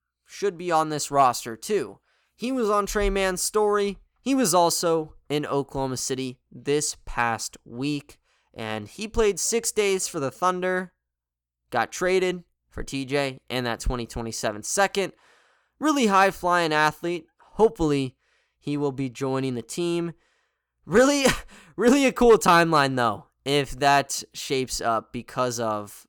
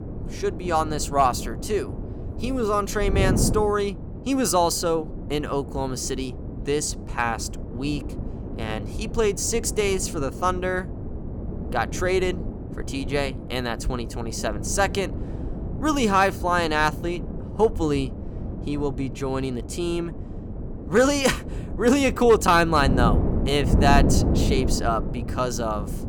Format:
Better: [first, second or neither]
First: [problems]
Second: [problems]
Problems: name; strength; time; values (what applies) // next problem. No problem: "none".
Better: first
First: none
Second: wind noise on the microphone; occasional gusts; 15 dB below the speech